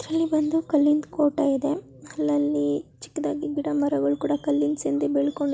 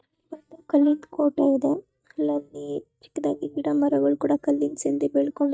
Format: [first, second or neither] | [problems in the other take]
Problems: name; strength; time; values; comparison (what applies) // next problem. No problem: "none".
first | noise reduction (neural mask model DeepFilterNet 3)